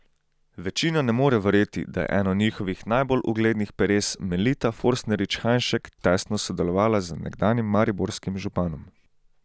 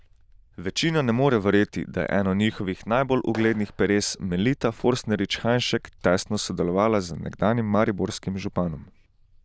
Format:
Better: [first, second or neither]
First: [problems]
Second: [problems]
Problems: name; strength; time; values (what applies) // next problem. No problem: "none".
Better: first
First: none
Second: noise reduction (neural diffusion model UNIVERSE++)